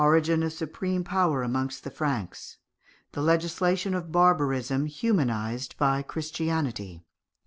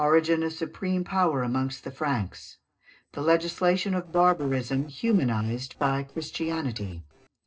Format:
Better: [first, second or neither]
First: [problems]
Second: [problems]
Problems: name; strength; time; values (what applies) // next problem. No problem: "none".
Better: first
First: none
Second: noise reduction (neural separator model SepFormer DNS4)